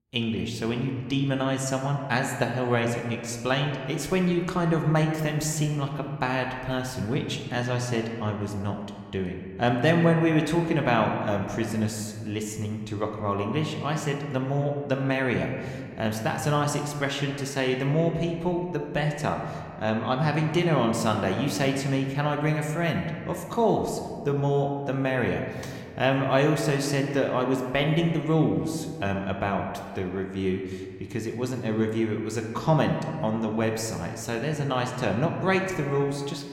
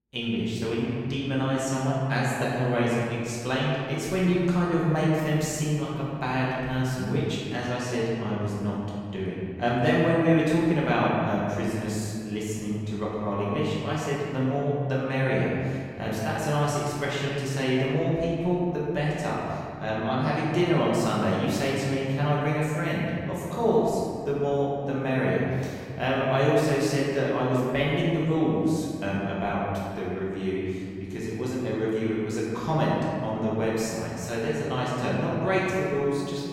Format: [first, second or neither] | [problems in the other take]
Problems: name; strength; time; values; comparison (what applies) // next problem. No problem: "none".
first | room echo; strong; dies away in 2.1 s; slight in the first // off-mic speech; far